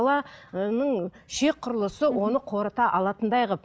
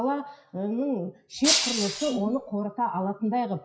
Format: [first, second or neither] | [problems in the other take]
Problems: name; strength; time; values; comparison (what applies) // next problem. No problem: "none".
first | noise reduction (classical method WPE with log-MMSE)